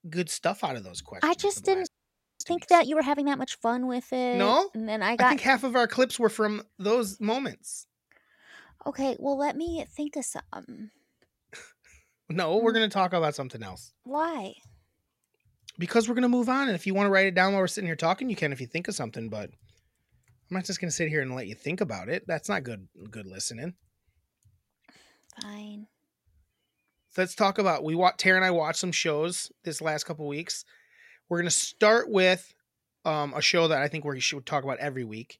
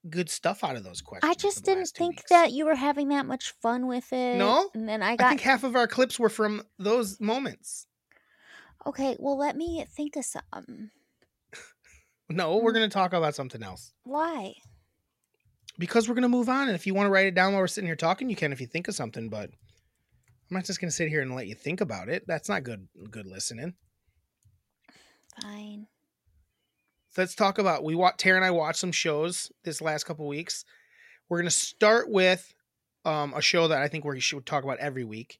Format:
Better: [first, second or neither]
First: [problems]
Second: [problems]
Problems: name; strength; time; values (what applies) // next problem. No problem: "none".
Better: second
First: audio freezing; at 2 s for 0.5 s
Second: none